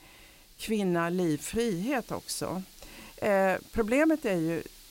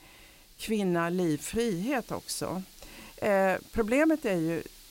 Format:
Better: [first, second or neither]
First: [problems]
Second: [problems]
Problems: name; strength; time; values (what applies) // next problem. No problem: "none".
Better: neither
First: hiss; faint; throughout; 25 dB below the speech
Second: hiss; faint; throughout; 25 dB below the speech